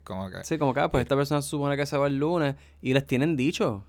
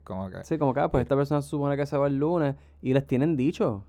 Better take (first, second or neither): first